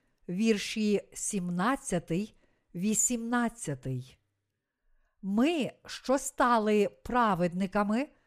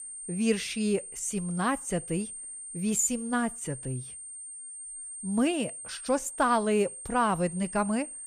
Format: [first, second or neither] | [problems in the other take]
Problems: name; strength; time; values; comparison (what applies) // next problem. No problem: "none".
first | high-pitched whine; loud; throughout; 8.5 kHz, 10 dB below the speech